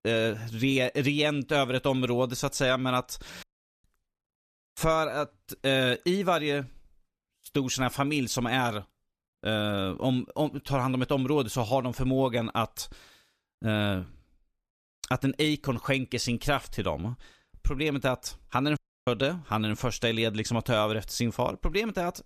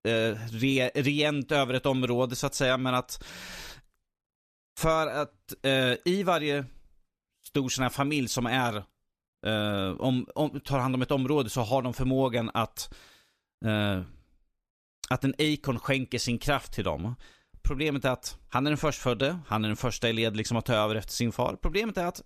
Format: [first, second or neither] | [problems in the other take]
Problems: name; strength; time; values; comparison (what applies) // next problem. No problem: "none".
second | audio cutting out; at 3.5 s and at 19 s